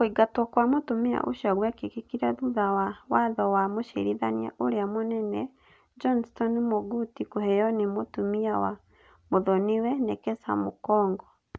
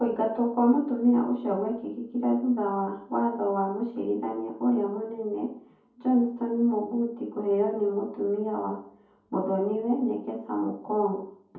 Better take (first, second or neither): first